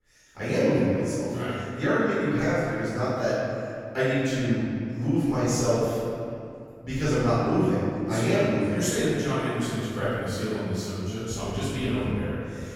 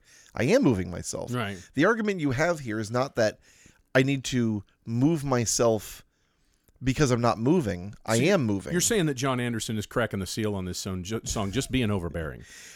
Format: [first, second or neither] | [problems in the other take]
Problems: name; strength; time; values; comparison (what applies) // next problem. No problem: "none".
second | off-mic speech; far // room echo; strong; dies away in 2.3 s